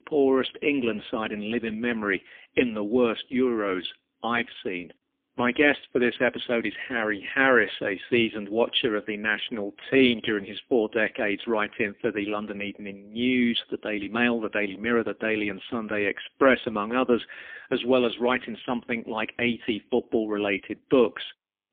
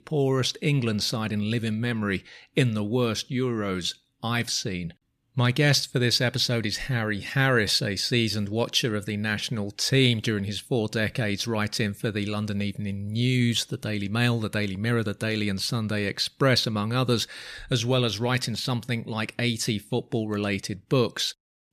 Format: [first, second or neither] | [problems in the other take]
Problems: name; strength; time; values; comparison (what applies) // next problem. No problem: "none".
second | phone-call audio; poor line; nothing above 3.5 kHz